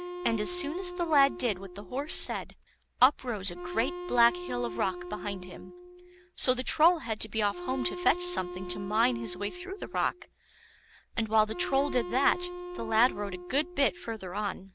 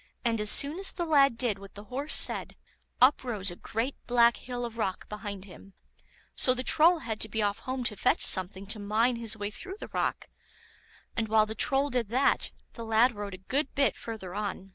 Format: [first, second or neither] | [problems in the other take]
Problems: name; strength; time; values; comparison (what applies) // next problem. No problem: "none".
second | background sound (Wind instrument, woodwind instrument); 10 dB below the speech